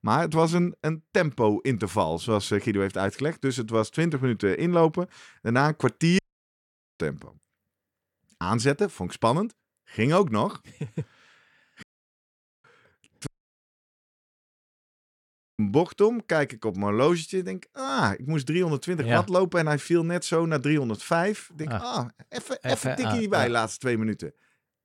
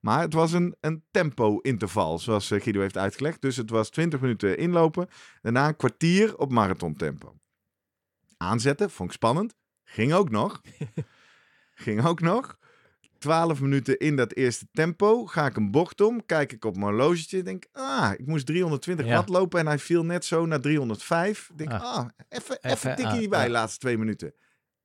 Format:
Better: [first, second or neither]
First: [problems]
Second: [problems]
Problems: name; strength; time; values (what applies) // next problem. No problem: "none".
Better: second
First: audio cutting out; at 6 s for 1 s, at 12 s for 1 s and at 13 s for 2.5 s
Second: none